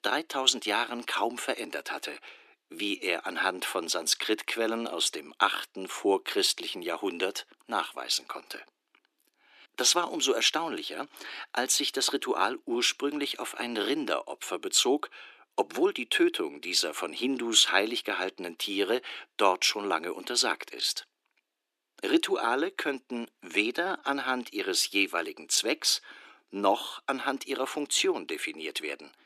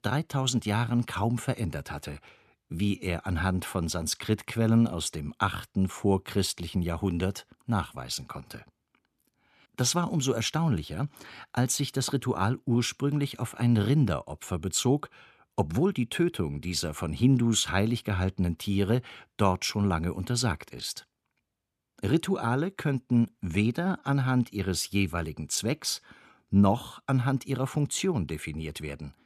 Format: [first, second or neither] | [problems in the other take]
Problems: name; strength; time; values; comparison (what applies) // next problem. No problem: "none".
second | thin; very; fading below 300 Hz